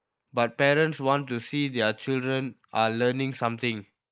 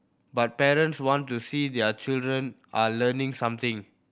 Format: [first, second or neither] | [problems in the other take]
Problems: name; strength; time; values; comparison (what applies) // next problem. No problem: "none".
second | noise reduction (neural mask model Resemble Enhance denoiser)